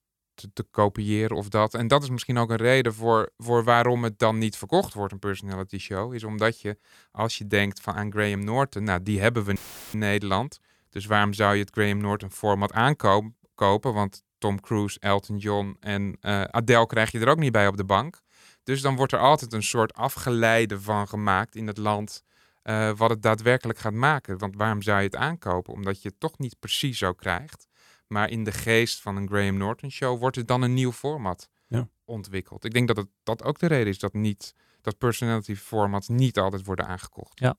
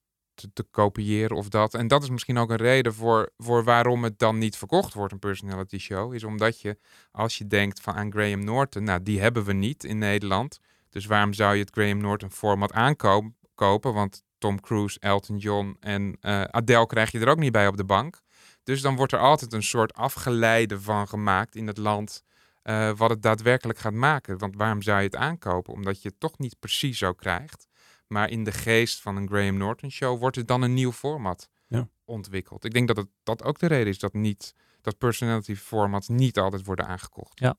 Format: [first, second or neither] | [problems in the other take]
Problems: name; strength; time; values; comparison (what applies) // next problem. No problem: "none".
second | audio cutting out; filled with static; at 9.5 s